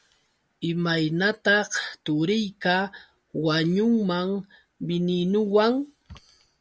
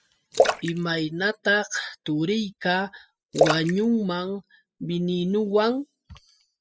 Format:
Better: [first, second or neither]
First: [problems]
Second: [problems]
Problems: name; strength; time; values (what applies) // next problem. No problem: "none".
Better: first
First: none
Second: noise reduction (classical method spectral subtraction)